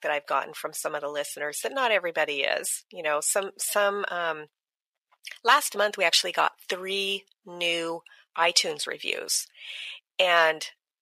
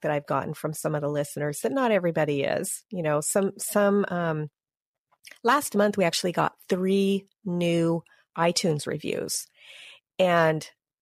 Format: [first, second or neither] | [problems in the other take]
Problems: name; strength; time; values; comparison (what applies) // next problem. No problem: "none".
second | thin; very; fading below 650 Hz